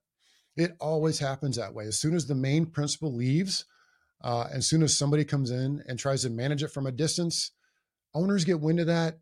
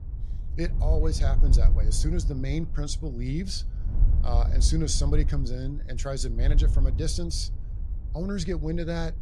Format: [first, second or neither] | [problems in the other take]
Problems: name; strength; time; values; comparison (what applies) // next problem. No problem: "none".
first | wind noise on the microphone; occasional gusts; 10 dB below the speech